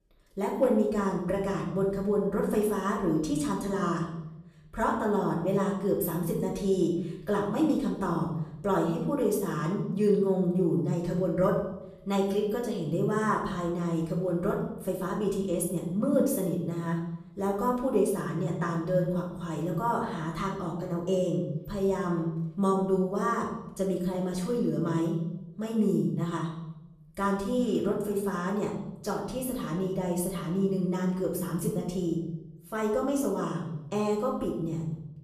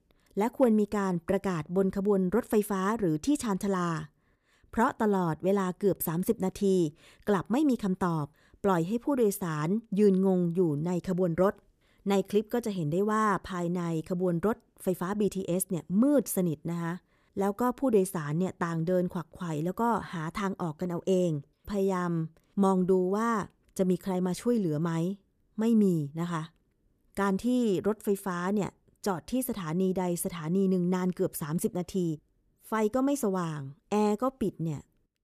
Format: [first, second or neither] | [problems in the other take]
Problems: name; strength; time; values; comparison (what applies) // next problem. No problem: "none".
second | off-mic speech; far // room echo; noticeable; dies away in 0.8 s